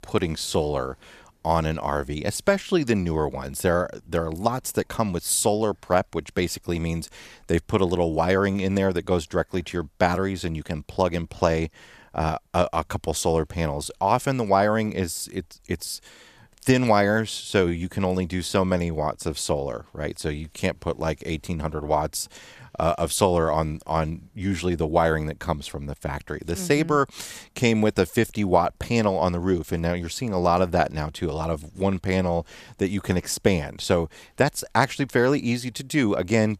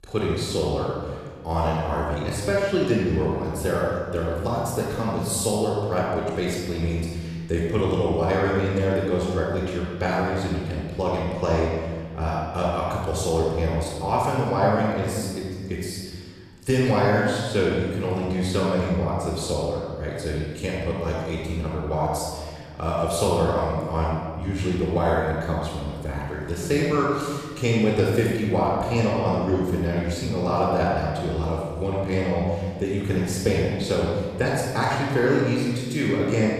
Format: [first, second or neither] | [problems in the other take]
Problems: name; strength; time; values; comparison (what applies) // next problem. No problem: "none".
first | off-mic speech; far // room echo; strong; dies away in 1.6 s